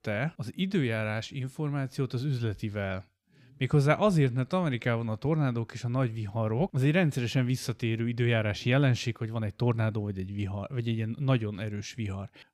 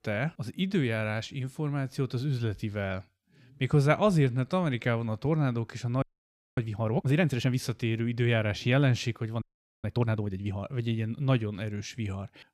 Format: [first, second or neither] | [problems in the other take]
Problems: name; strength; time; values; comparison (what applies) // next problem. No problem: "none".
first | audio freezing; at 6 s for 0.5 s and at 9.5 s